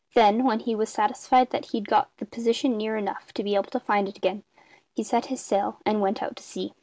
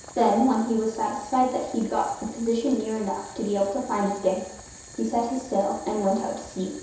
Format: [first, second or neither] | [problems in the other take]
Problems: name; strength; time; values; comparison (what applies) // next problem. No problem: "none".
first | background sound (Boiling); 18 dB below the speech // room echo; dies away in 0.7 s